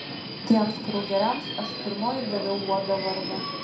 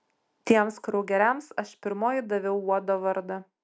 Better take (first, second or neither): second